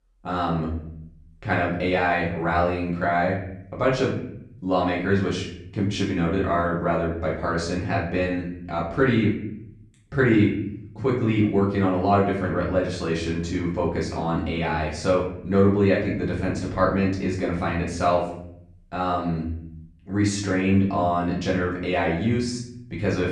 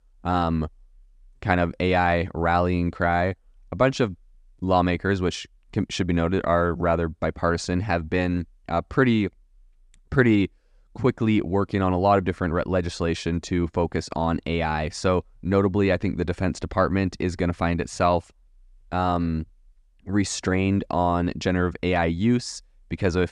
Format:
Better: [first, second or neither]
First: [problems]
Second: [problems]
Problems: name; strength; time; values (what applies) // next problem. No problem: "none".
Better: second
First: off-mic speech; far // room echo; noticeable; dies away in 0.6 s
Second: none